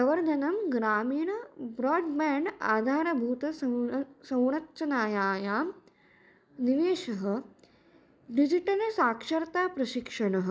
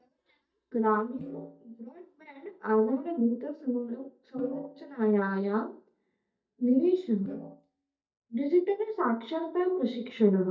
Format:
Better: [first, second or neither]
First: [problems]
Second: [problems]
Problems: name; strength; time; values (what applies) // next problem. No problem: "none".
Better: first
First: none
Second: noise reduction (neural mask model DeepFilterNet 3)